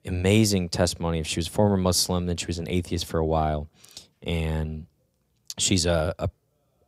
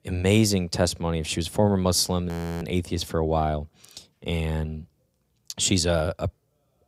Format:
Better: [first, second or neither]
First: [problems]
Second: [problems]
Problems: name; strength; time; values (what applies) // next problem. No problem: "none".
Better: first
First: none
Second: audio freezing; at 2.5 s